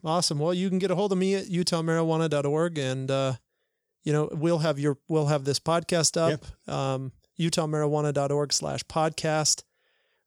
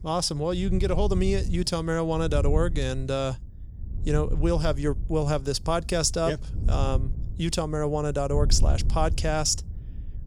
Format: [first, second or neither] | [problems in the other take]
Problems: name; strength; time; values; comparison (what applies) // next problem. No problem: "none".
first | wind noise on the microphone; occasional gusts; 20 dB below the speech